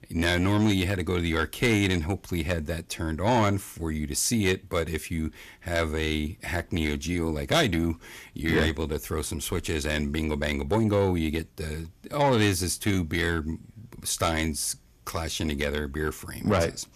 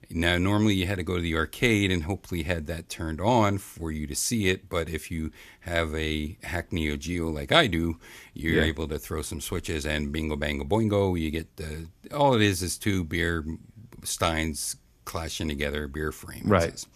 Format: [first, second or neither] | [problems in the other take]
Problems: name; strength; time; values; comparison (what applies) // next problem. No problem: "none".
second | distortion; slight; 10 dB below the speech